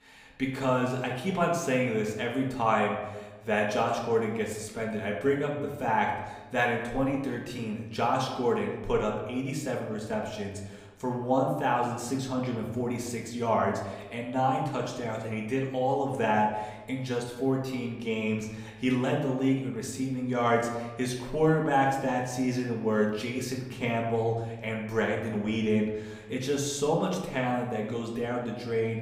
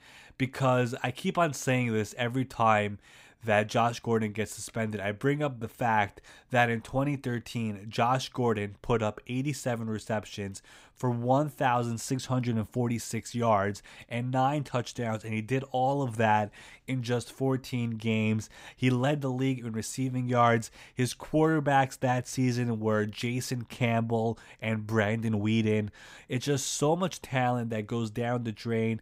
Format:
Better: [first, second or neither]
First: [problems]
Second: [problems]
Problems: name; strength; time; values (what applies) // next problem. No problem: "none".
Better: second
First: room echo; slight; dies away in 0.9 s // off-mic speech; somewhat distant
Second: none